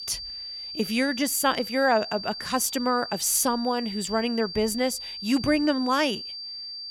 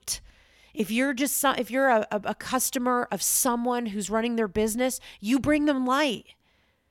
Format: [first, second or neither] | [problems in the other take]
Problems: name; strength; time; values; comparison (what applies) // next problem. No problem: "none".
second | high-pitched whine; loud; throughout; 4.5 kHz, 9 dB below the speech